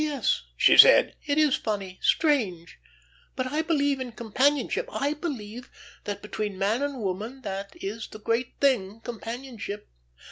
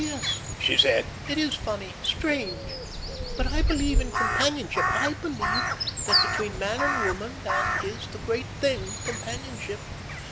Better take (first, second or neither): first